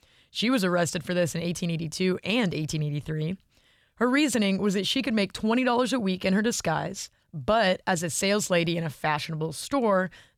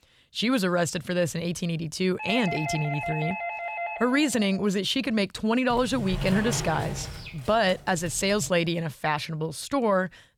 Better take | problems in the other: first | doorbell; noticeable; from 2 to 4.5 s; peak 5 dB below the speech // door banging; noticeable; from 5.5 to 8.5 s; peak 5 dB below the speech

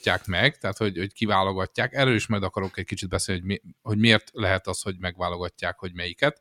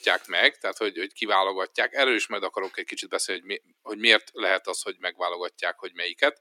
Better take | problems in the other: first | thin; very; fading below 300 Hz

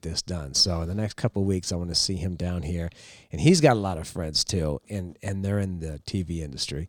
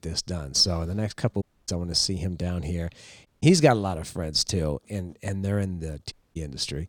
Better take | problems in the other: first | audio cutting out; at 1.5 s, at 3.5 s and at 6 s

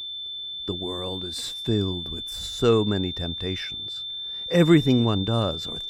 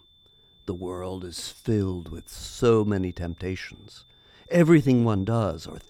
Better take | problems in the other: second | high-pitched whine; loud; throughout; 3.5 kHz, 7 dB below the speech; faint in the second

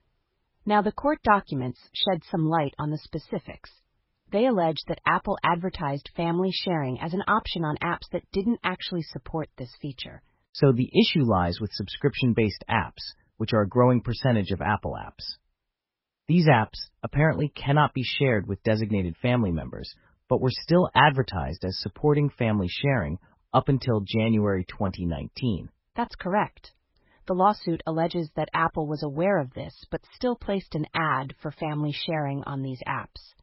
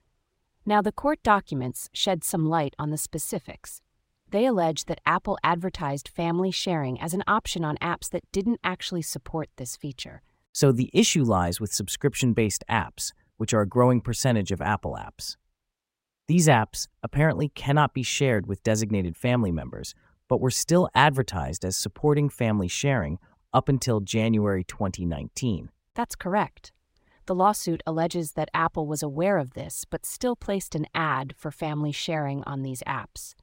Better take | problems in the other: second | garbled, watery; badly; nothing above 5.5 kHz

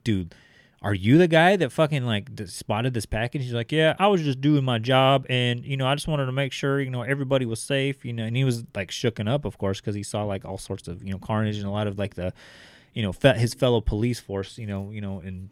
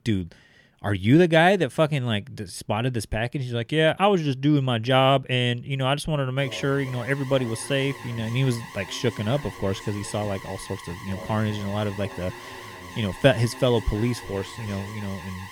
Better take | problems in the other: first | alarm; faint; from 6.5 s on; peak 15 dB below the speech

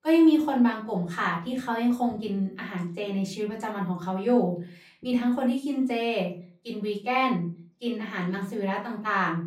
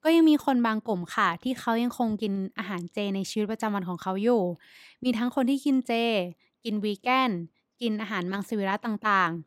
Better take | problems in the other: second | off-mic speech; far // room echo; slight; dies away in 0.3 s

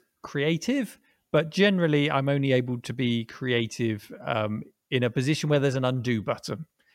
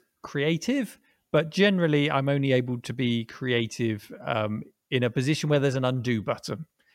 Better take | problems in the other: neither | none

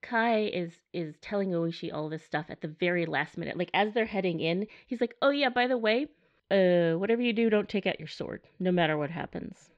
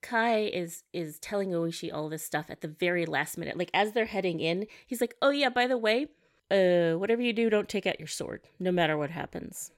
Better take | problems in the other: second | muffled; very slightly; fading above 4.5 kHz

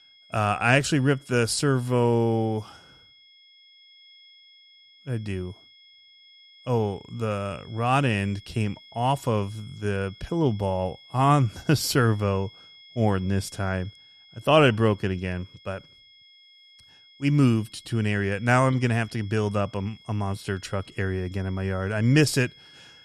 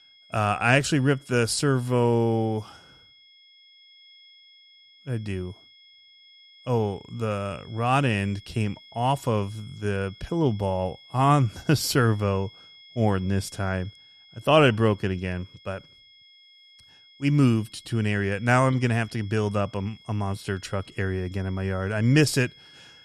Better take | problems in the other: neither | high-pitched whine; faint; throughout; 3.5 kHz, 25 dB below the speech; the same in both

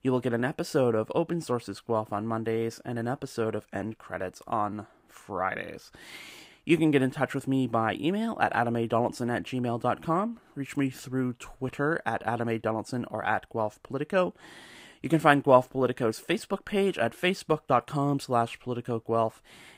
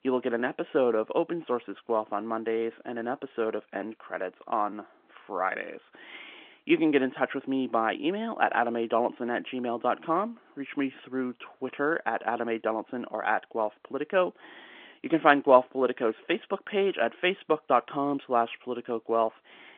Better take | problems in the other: first | phone-call audio; nothing above 3.5 kHz

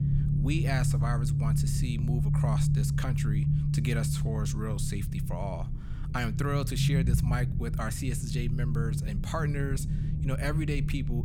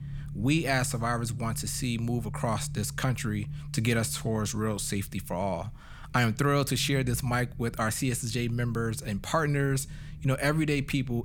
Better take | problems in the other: second | low rumble; loud; throughout; 3 dB below the speech; faint in the second

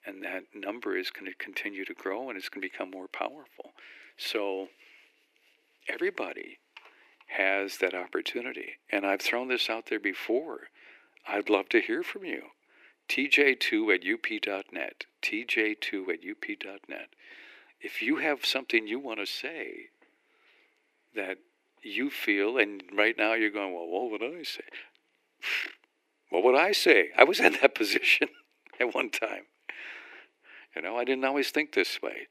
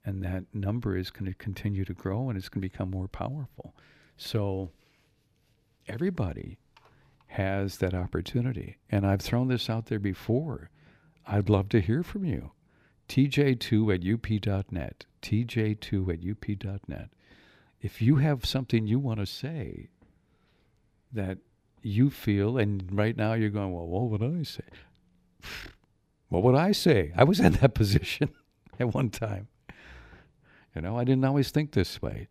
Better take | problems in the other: second | thin; very; fading below 300 Hz

